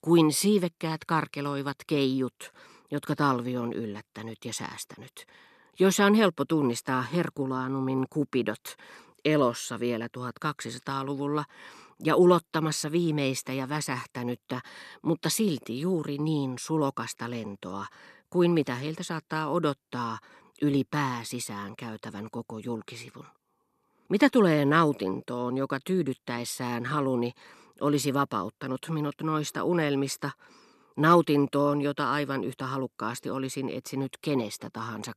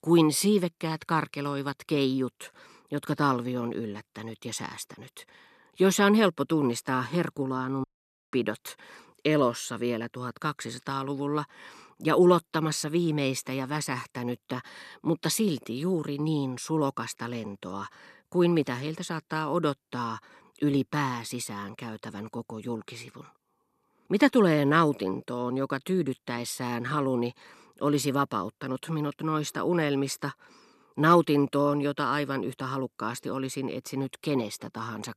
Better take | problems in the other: first | audio cutting out; at 8 s

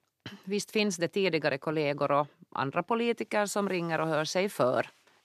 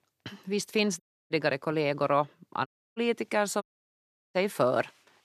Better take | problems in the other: first | audio cutting out; at 1 s, at 2.5 s and at 3.5 s for 0.5 s

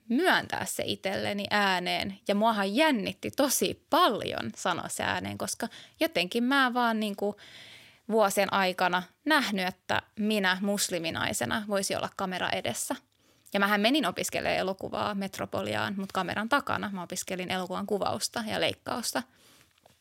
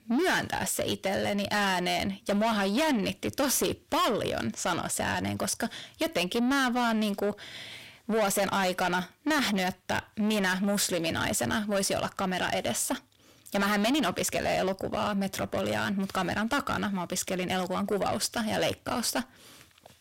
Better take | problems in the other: first | distortion; heavy; 6 dB below the speech

